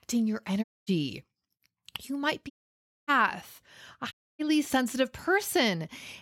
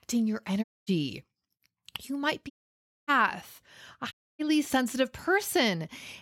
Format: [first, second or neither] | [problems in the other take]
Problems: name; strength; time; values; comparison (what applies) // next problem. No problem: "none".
neither | audio cutting out; at 0.5 s, at 2.5 s for 0.5 s and at 4 s; the same in both